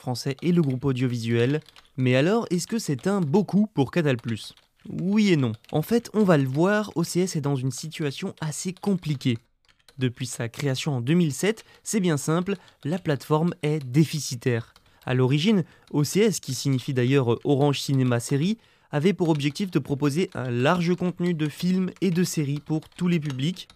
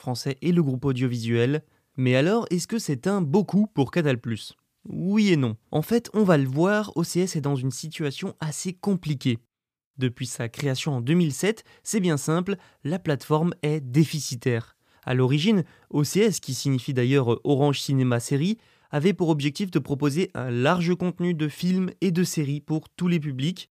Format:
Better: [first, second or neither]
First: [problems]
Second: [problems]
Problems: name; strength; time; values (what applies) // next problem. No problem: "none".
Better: second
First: household noises; faint; throughout; 30 dB below the speech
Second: none